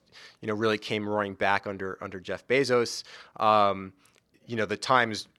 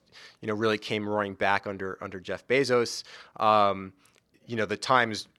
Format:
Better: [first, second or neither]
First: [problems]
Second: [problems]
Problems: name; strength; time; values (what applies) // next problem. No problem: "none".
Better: neither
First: none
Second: none